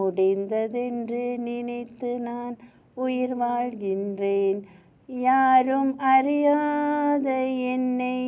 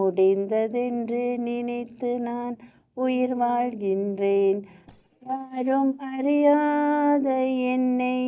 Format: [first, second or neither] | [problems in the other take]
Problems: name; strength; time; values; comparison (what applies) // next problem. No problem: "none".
first | noise reduction (neural mask model DeepFilterNet 3)